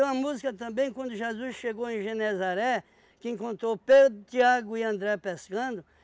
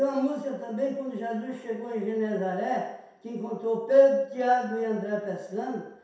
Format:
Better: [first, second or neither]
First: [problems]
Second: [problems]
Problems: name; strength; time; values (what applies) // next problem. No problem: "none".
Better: first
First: none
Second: room echo; dies away in 0.7 s